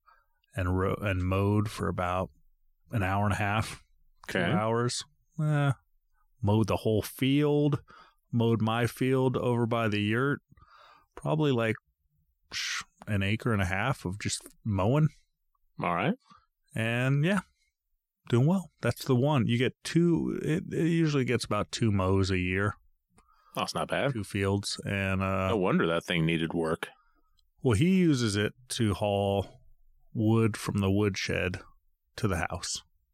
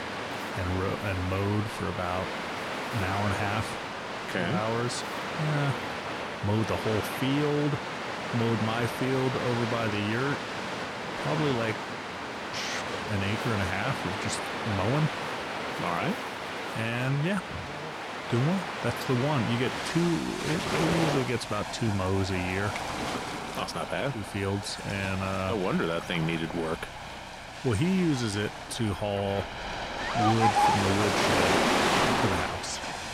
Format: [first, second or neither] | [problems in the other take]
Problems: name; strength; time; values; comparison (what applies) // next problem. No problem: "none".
first | rain or running water; loud; throughout; 1 dB below the speech